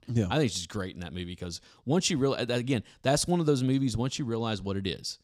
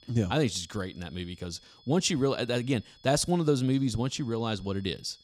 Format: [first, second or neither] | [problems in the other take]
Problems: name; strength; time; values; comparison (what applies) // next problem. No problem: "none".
first | high-pitched whine; faint; throughout; 3.5 kHz, 25 dB below the speech